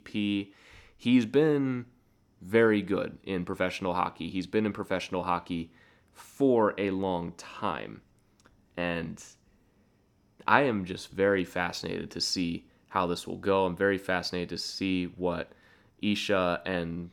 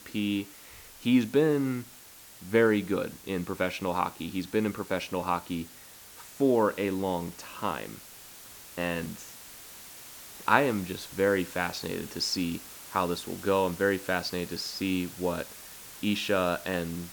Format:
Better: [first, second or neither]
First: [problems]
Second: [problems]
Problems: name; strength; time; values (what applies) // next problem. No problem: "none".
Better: first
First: none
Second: hiss; noticeable; throughout; 15 dB below the speech